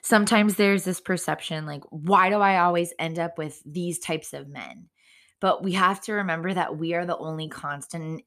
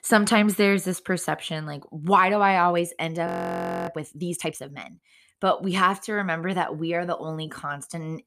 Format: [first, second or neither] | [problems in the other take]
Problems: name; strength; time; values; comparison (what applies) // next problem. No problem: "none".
first | audio freezing; at 3.5 s for 0.5 s